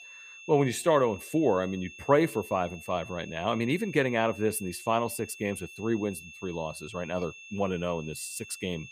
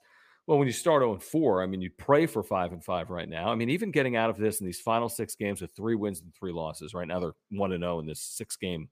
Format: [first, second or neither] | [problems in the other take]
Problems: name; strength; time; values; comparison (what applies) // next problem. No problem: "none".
second | high-pitched whine; noticeable; throughout; 2.5 kHz, 15 dB below the speech